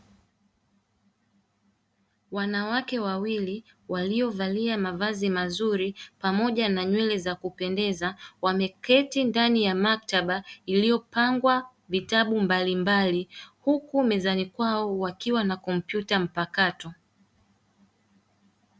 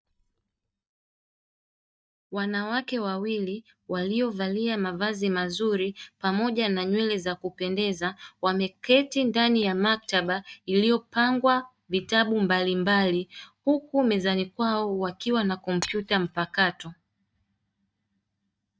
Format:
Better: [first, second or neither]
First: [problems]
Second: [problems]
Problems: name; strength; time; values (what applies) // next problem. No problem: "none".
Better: first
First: none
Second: noise reduction (neural mask model DeepFilterNet 3)